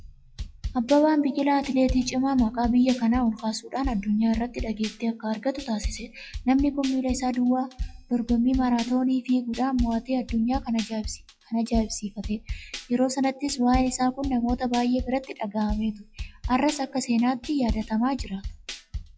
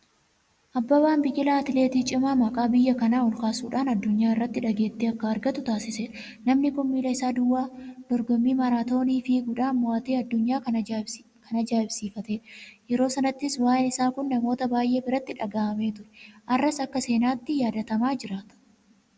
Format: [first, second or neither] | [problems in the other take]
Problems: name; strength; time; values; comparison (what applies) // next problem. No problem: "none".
second | noise reduction (classical method log-MMSE)